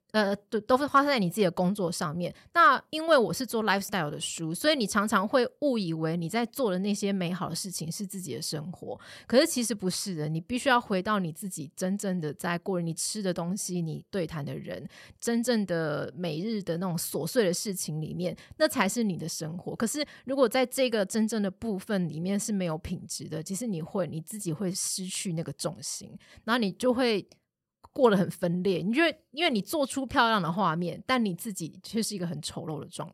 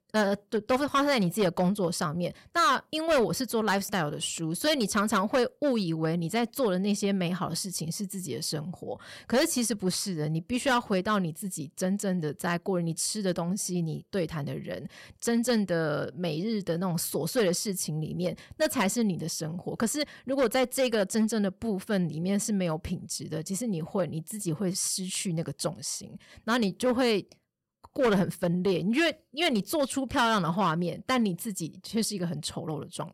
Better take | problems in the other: first | distortion; slight; 4% of the sound clipped

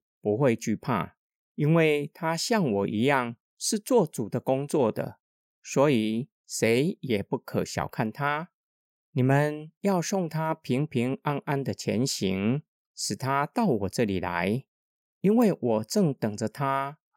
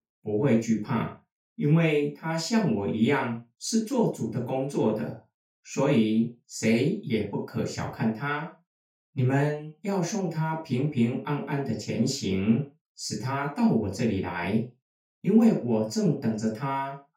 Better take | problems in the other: first | room echo; noticeable; dies away in 0.3 s // off-mic speech; far

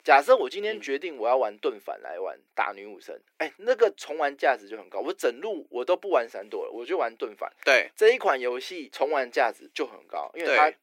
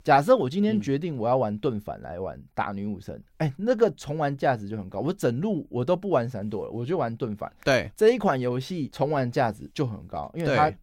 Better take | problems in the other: second | thin; very; fading below 350 Hz

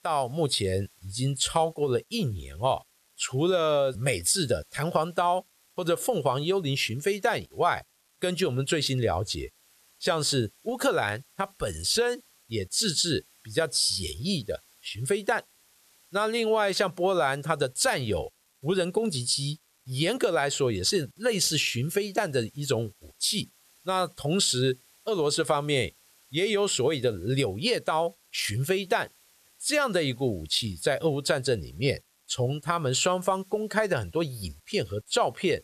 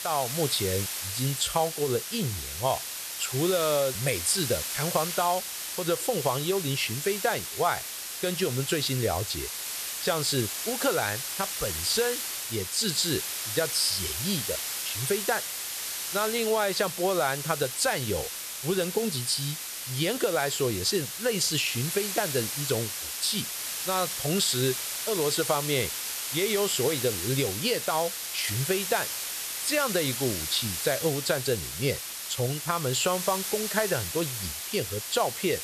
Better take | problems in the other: first | hiss; loud; throughout; 3 dB below the speech; faint in the first

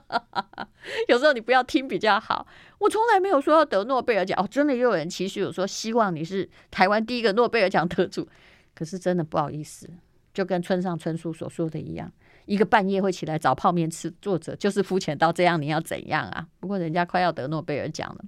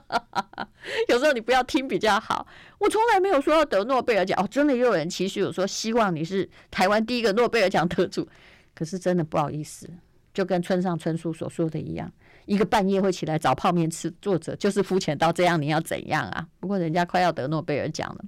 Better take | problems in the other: first | distortion; slight; 5% of the sound clipped

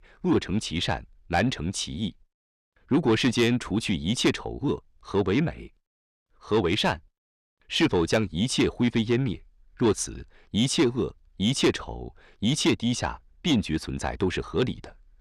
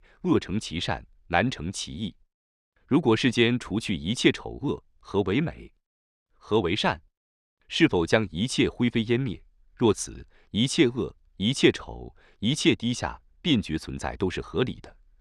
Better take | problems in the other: second | distortion; slight; 10 dB below the speech

